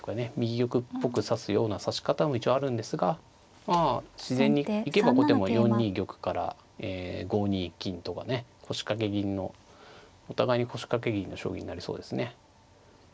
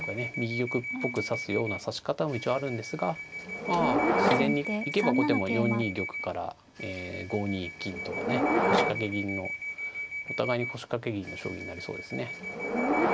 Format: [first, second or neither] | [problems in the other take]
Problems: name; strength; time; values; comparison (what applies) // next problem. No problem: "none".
first | background sound (Subway, metro, underground / Door); as loud as the speech